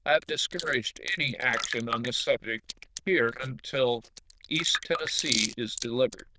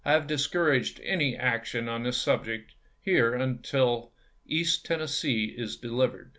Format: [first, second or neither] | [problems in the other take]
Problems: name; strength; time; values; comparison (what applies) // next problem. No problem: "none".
second | noise reduction (neural diffusion model UNIVERSE++)